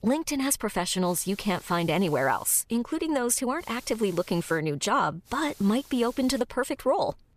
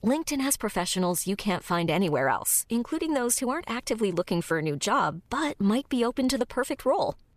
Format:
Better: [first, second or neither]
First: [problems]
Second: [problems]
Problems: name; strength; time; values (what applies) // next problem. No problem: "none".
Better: second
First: hiss; faint; from 1 to 2.5 s, at 3.5 s and from 5.5 to 6.5 s; 25 dB below the speech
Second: none